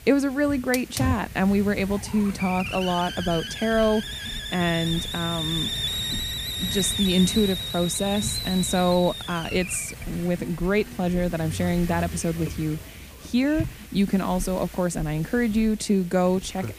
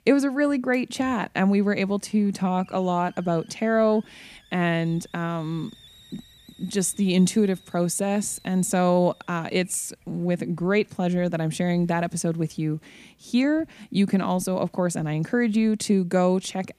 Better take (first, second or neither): second